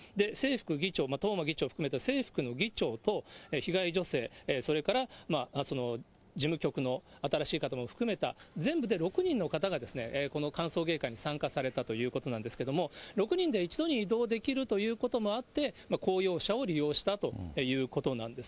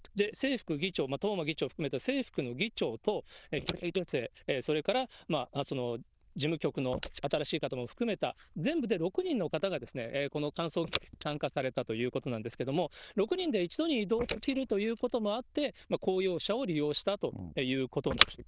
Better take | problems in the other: first | noise reduction (neural diffusion model UNIVERSE++)

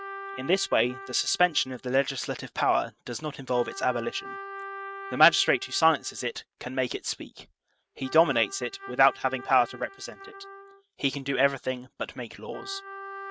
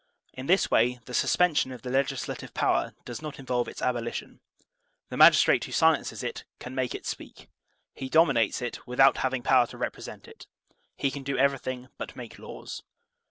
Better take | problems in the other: second | noise reduction (neural mask model RNNoise)

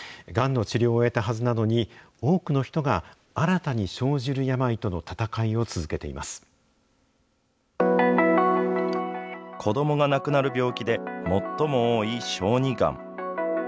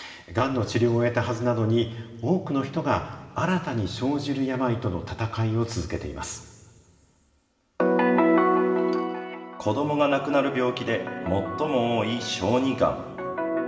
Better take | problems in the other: first | room echo; dies away in 1.9 s

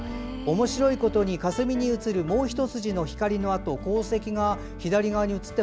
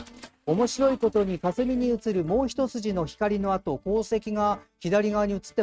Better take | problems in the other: first | noise reduction (neural mask model RNNoise)

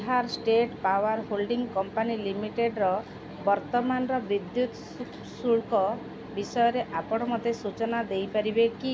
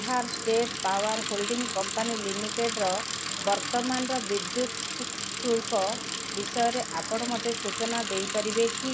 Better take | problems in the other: first | background sound (Bicycle); 4 dB below the speech

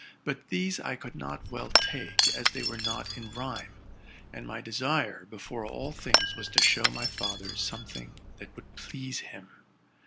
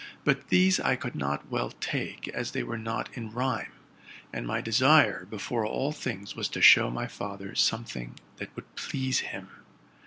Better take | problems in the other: second | background sound (Shatter / Crushing); 5 dB above the speech

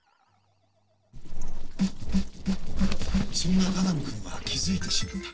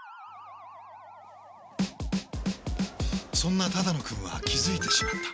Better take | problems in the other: second | noise reduction (neural separator model SepFormer DNS4)

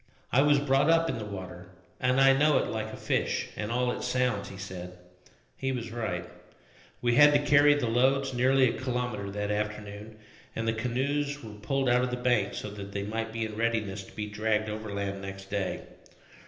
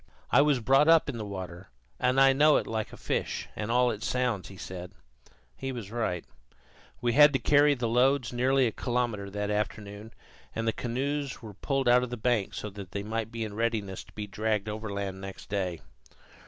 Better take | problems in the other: second | room echo; dies away in 0.8 s

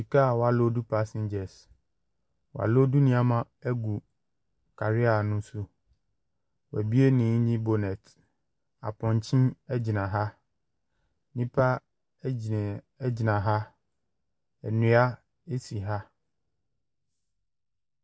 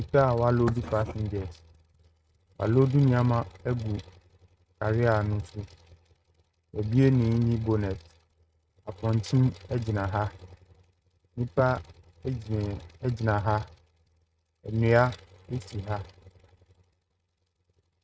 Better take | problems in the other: first | noise reduction (neural mask model RNNoise)

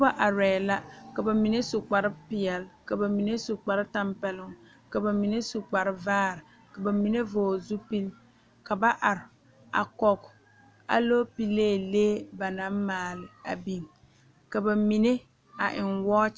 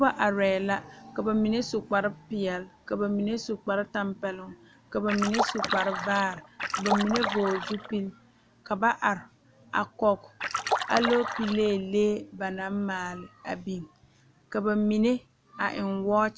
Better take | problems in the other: first | background sound (Splash, splatter); 3 dB below the speech

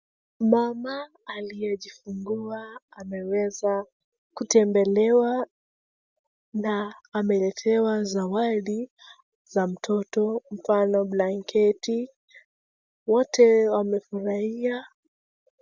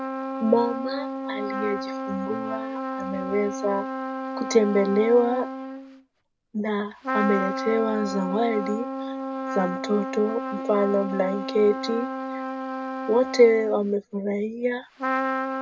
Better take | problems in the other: first | background sound (Trumpet); 5 dB below the speech // room echo; dies away in 0.2 s

